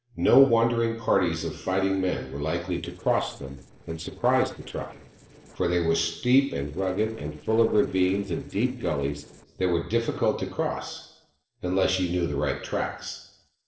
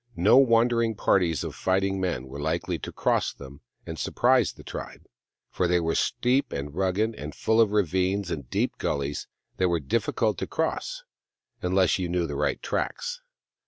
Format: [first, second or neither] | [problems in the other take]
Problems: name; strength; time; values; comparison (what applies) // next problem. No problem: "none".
second | noise reduction (neural separator model SepFormer DNS4)